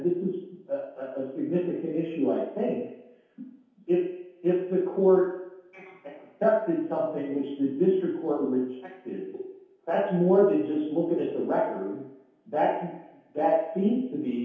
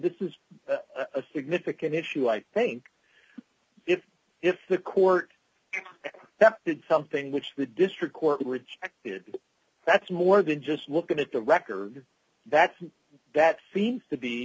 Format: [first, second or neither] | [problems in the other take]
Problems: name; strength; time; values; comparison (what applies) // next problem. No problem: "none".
second | room echo; dies away in 0.8 s